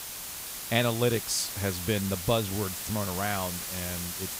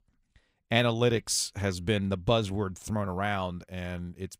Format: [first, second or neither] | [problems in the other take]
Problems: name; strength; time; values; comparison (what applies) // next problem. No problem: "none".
second | hiss; loud; throughout; 4 dB below the speech